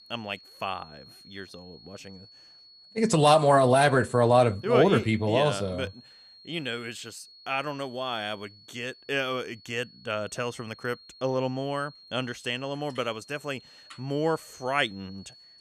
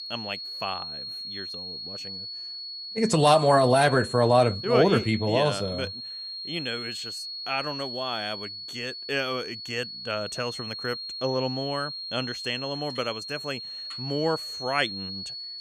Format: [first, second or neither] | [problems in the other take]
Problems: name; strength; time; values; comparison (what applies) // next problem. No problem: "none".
first | high-pitched whine; loud; throughout; 4.5 kHz, 8 dB below the speech; faint in the first